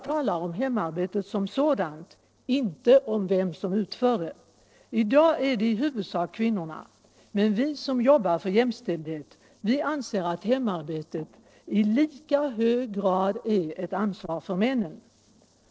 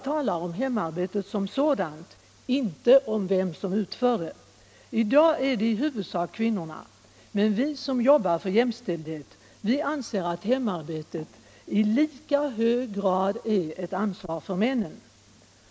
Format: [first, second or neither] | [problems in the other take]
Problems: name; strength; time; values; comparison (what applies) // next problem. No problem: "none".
second | noise reduction (neural separator model SepFormer DNS4)